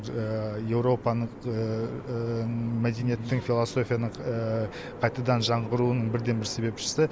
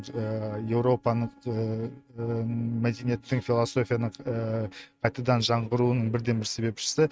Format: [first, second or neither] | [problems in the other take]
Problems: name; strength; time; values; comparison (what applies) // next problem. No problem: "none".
first | noise reduction (neural mask model RNNoise)